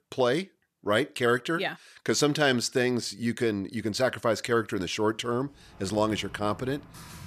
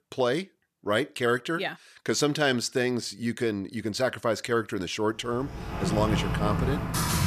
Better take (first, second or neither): first